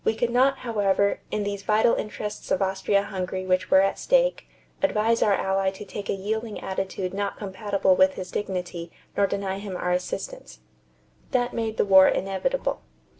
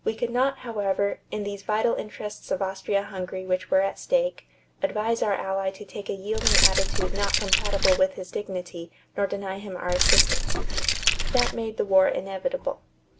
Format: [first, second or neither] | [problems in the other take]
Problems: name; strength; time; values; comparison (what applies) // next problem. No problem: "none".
first | background sound (Keys jangling); 4 dB above the speech